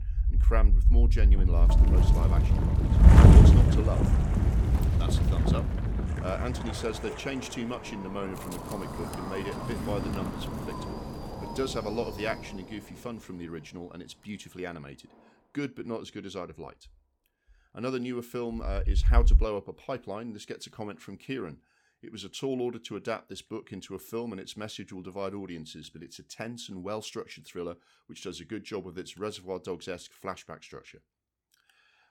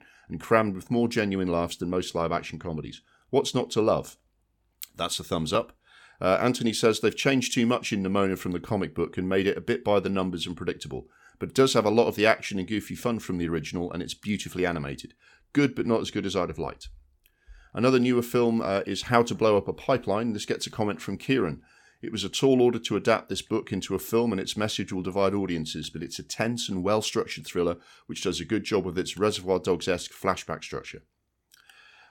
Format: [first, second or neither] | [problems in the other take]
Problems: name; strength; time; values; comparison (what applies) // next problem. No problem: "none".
second | wind noise on the microphone; heavy; until 19 s; 2 dB above the speech